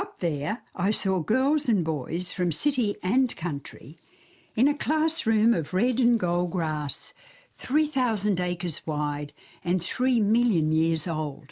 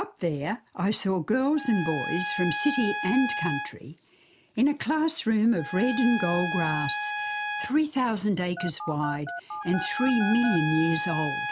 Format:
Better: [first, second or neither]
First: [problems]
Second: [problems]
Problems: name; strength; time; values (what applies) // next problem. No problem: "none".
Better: first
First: none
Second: background sound (Telephone + Trumpet); 7 dB below the speech